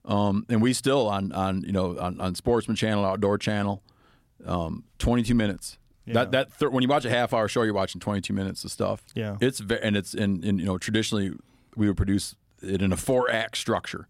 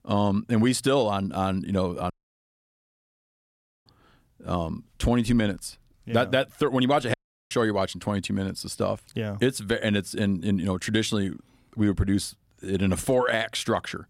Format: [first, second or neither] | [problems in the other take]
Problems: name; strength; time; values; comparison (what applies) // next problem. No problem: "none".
first | audio cutting out; at 2 s for 2 s and at 7 s